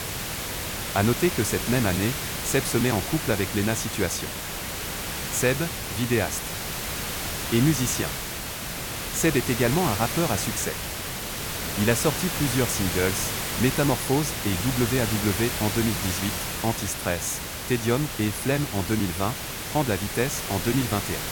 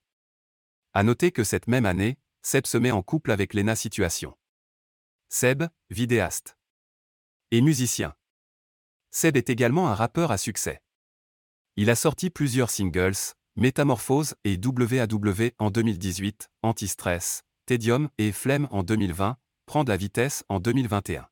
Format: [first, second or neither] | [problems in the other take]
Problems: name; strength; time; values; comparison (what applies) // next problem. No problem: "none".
second | hiss; loud; throughout; 3 dB below the speech